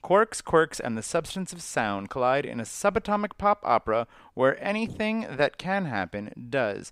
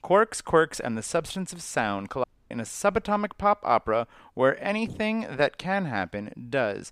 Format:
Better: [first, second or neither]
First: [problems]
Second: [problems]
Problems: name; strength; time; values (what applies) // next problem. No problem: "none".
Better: first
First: none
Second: audio cutting out; at 2 s